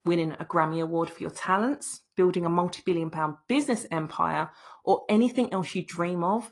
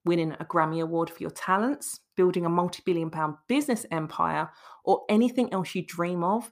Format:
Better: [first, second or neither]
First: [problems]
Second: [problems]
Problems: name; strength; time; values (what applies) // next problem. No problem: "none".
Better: second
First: garbled, watery; slightly; nothing above 10 kHz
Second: none